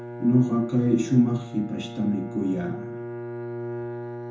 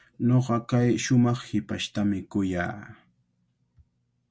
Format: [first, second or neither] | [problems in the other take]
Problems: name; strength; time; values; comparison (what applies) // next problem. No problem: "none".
second | background sound (Bowed string instrument); 9 dB below the speech // room echo; dies away in 0.6 s